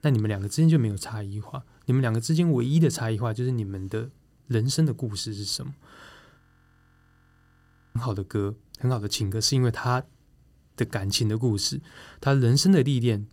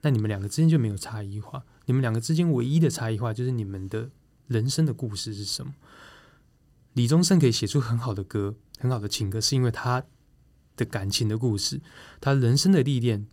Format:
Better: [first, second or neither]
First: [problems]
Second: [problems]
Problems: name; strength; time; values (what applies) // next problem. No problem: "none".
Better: second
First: audio freezing; at 6.5 s for 1.5 s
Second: none